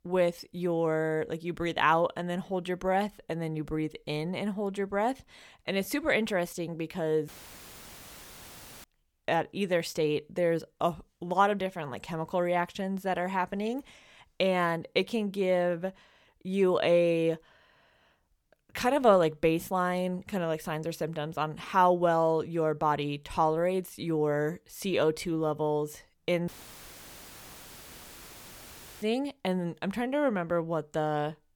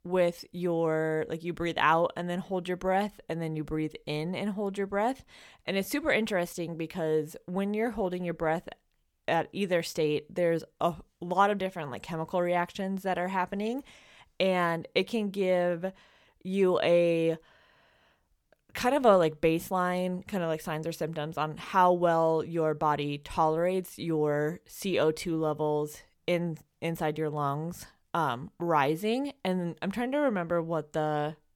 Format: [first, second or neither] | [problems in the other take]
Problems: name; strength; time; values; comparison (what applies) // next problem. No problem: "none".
second | audio cutting out; filled with static; at 7.5 s for 1.5 s and at 26 s for 2.5 s